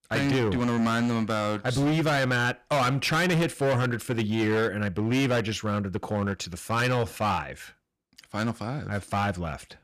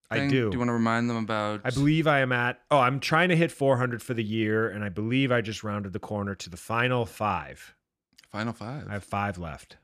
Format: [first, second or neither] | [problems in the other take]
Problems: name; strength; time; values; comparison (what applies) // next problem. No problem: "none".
second | distortion; heavy; 17% of the sound clipped